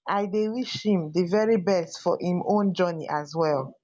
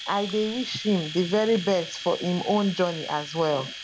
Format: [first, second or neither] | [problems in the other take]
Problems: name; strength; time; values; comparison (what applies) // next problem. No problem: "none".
first | background sound (Domestic sounds, home sounds); 12 dB below the speech